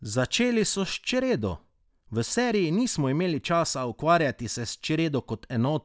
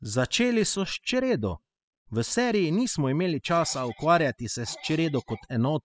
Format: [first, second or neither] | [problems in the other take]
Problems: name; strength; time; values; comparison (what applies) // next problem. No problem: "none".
first | noise reduction (classical method spectral subtraction)